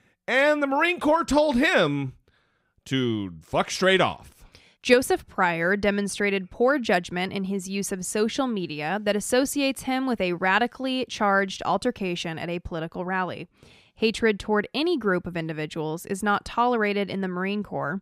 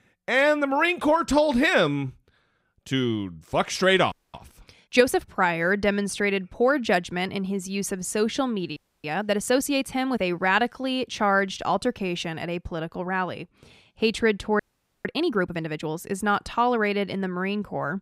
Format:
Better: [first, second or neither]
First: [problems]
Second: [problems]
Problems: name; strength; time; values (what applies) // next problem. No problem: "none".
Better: first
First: none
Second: audio freezing; at 4 s, at 9 s and at 15 s